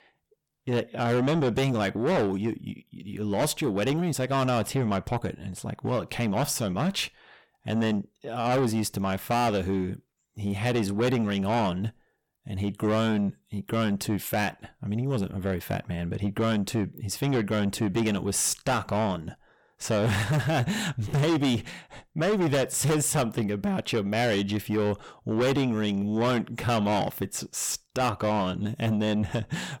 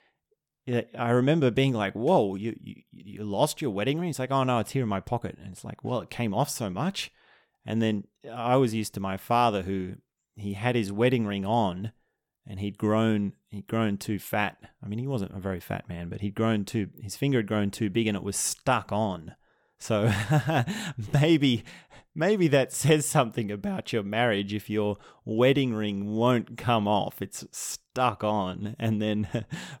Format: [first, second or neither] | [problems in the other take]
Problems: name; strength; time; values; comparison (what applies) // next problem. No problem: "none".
second | distortion; heavy; 7 dB below the speech